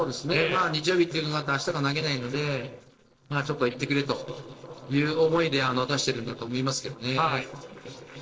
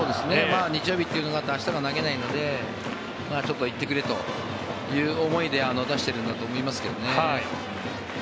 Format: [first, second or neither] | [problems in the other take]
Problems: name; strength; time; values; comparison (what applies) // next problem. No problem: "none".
second | noise reduction (neural separator model SepFormer DNS4)